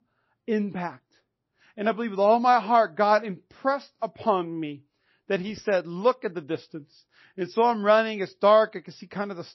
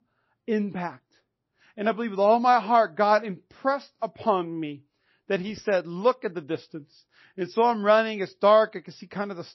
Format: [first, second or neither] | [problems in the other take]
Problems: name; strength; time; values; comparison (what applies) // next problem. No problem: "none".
neither | garbled, watery; slightly; nothing above 6 kHz; the same in both